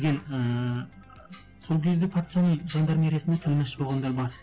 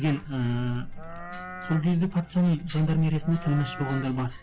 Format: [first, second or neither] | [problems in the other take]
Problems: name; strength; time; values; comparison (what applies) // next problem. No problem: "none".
first | background sound (Livestock, farm animals, working animals); 11 dB below the speech